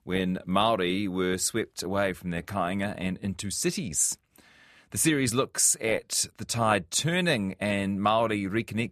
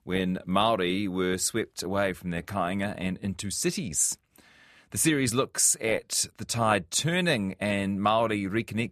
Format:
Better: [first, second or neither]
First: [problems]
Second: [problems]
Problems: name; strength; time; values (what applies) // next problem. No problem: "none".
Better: neither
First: none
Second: none